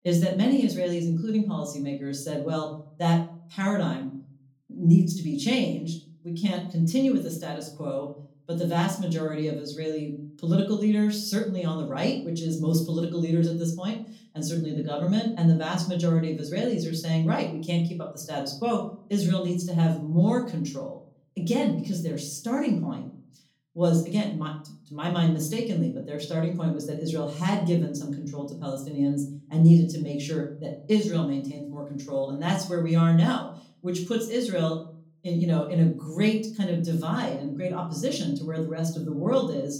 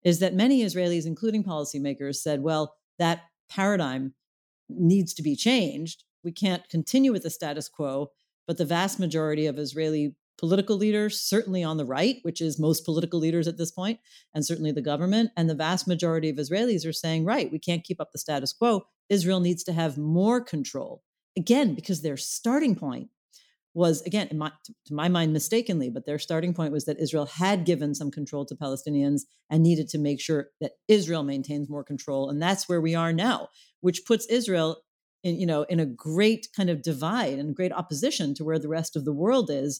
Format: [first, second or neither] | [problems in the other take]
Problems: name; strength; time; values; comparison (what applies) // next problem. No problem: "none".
second | room echo; slight; dies away in 0.5 s // off-mic speech; far